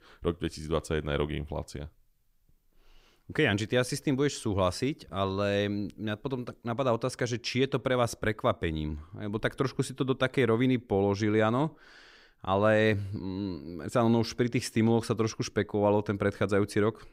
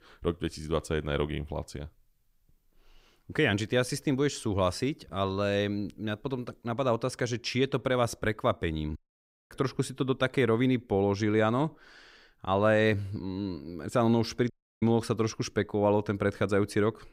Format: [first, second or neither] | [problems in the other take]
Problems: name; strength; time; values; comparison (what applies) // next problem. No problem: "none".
first | audio cutting out; at 9 s for 0.5 s and at 15 s